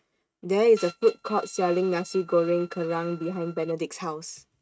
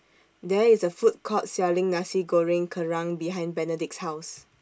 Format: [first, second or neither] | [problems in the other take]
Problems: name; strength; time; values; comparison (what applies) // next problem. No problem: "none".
second | noise reduction (neural mask model RNNoise)